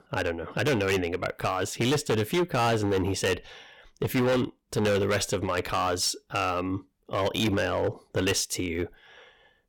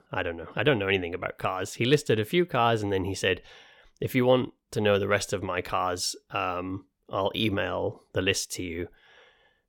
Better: second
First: distortion; heavy; 11% of the sound clipped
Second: none

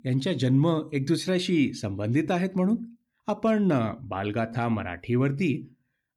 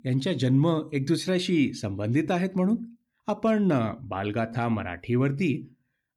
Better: neither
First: none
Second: none

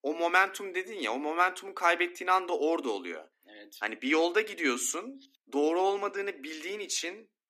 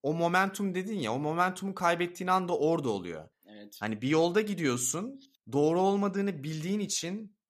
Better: second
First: thin; somewhat; fading below 250 Hz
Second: none

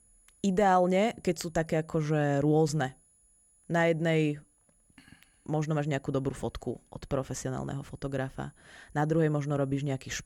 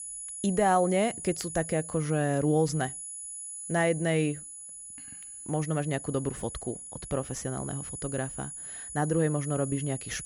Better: first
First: high-pitched whine; faint; throughout; 10 kHz, 35 dB below the speech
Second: high-pitched whine; loud; throughout; 10 kHz, 9 dB below the speech

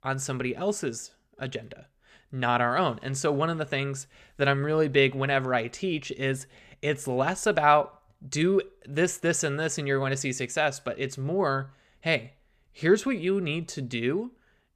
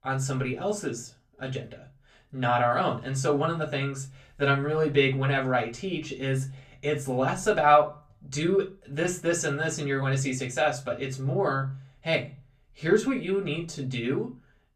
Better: first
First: none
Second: off-mic speech; far // room echo; very slight; dies away in 0.2 s

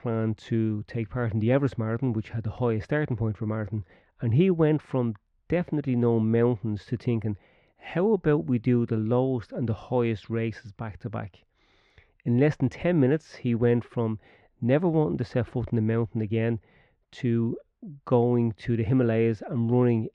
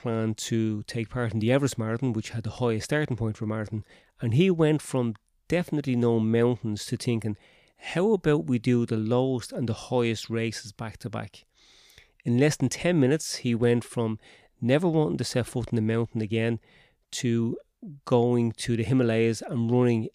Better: second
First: muffled; very; fading above 2 kHz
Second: none

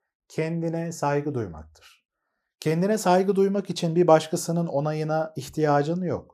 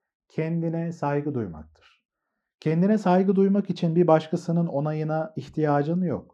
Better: first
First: none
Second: muffled; slightly; fading above 3.5 kHz

